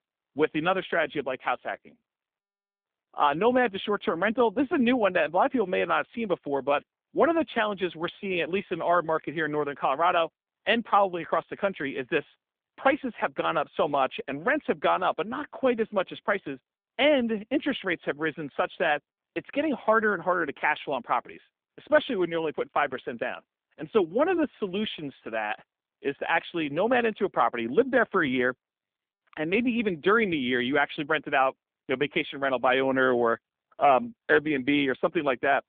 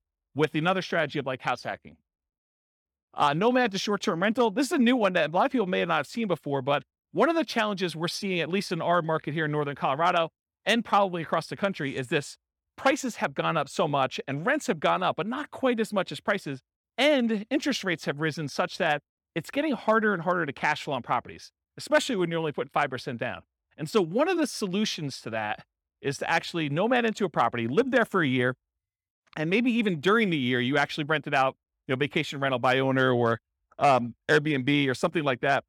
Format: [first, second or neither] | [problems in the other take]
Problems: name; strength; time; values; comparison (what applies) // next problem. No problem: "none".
second | phone-call audio; nothing above 3.5 kHz